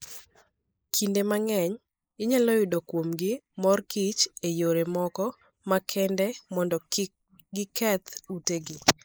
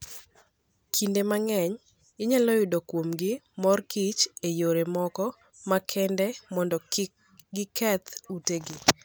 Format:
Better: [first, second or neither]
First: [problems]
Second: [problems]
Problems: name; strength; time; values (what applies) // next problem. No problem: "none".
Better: second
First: noise reduction (neural mask model Resemble Enhance denoiser)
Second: none